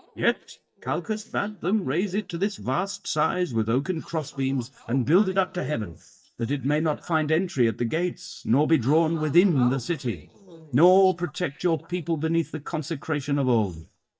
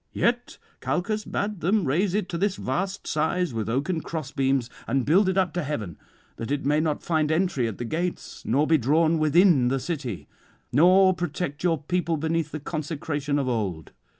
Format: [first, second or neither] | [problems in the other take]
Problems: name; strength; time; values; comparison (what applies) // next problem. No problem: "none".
second | noise reduction (neural mask model DeepFilterNet 3)